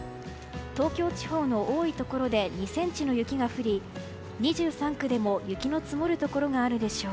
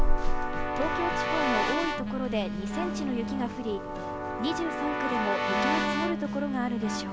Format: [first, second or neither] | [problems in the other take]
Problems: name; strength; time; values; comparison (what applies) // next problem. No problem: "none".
first | background sound (Keyboard (musical) / Brass instrument + Telephone); 5 dB above the speech